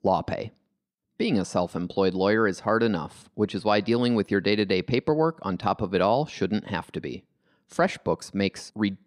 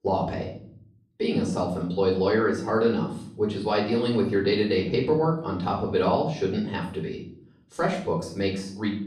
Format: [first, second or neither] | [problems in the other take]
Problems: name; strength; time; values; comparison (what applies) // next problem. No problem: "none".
first | off-mic speech; far // room echo; noticeable; dies away in 0.5 s